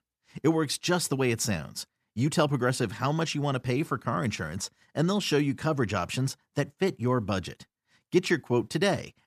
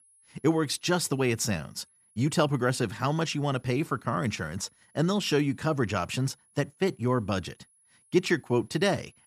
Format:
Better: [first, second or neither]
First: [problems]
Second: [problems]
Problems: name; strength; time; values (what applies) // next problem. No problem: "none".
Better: first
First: none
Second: high-pitched whine; faint; throughout; 10.5 kHz, 35 dB below the speech